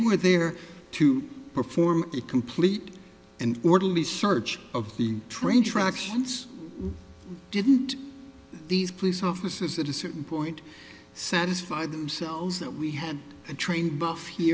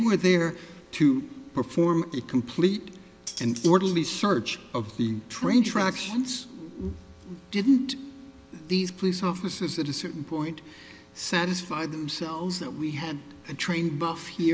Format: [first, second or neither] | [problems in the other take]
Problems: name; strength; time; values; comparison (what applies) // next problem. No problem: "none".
first | background sound (Cutlery, silverware); 14 dB below the speech